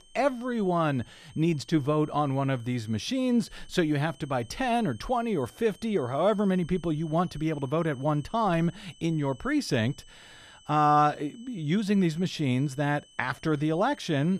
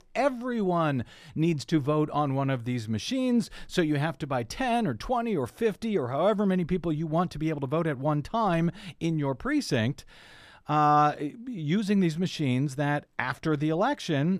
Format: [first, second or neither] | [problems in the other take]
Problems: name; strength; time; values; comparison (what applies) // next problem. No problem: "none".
second | high-pitched whine; faint; throughout; 3 kHz, 25 dB below the speech